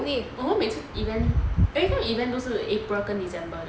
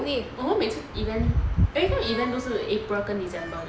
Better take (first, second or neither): first